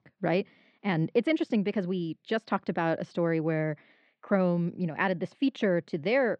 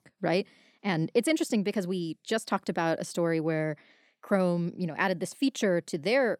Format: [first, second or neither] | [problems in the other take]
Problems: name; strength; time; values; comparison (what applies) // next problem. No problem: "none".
second | muffled; slightly; fading above 3.5 kHz